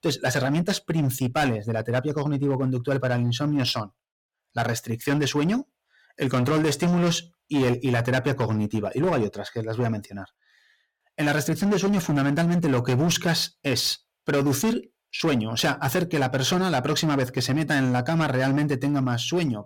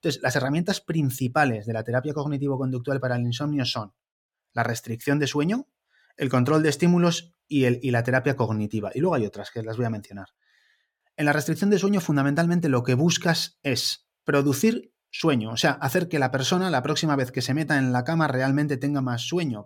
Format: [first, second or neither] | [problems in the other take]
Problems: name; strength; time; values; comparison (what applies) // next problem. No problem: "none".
second | distortion; slight; 15% of the sound clipped